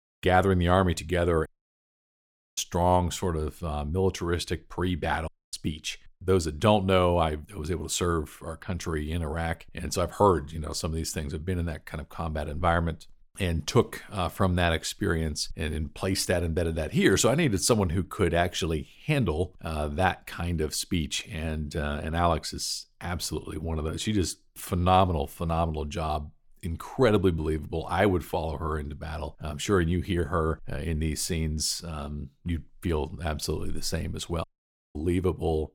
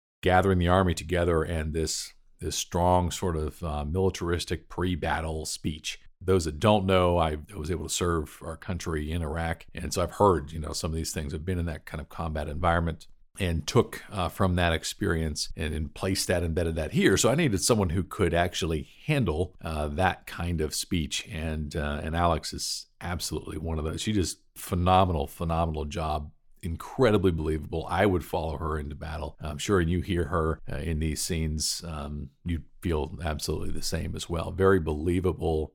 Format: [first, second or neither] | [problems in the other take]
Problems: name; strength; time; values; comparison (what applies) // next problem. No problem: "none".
second | audio cutting out; at 1.5 s for 1 s, at 5.5 s and at 34 s for 0.5 s